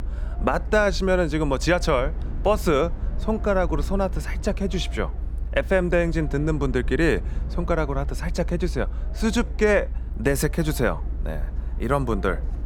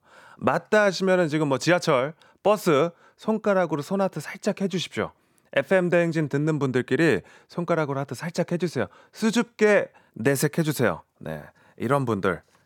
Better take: second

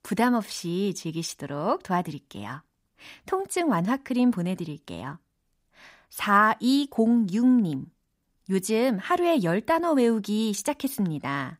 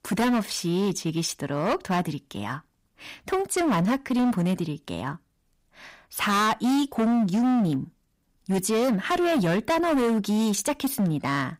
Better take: first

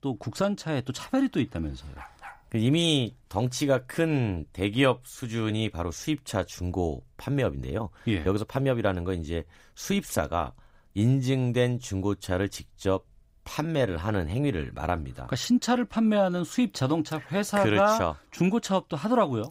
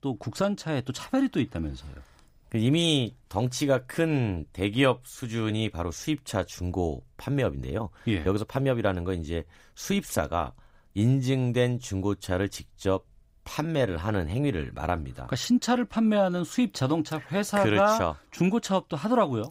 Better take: second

